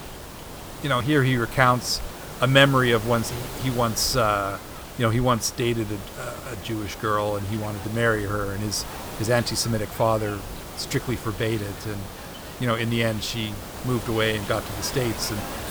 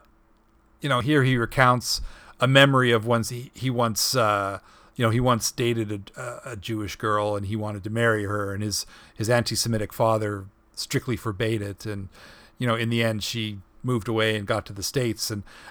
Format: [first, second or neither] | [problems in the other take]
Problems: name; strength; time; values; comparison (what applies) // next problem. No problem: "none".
second | hiss; noticeable; throughout; 10 dB below the speech